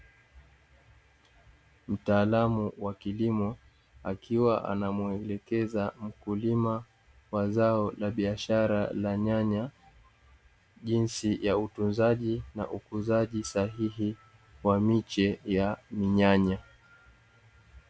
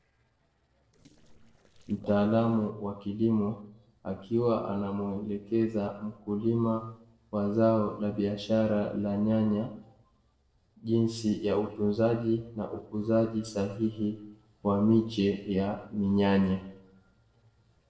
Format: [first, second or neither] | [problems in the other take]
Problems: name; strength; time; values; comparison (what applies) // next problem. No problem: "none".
first | noise reduction (neural separator model SepFormer DNS4)